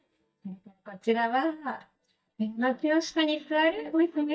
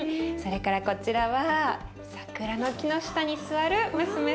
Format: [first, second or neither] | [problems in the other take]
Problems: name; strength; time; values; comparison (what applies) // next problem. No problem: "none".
second | noise reduction (neural mask model DeepFilterNet 3)